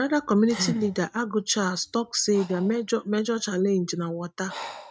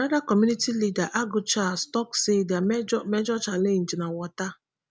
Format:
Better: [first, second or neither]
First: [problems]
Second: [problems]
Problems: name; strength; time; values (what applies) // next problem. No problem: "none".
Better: second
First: noise reduction (neural mask model RNNoise)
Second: none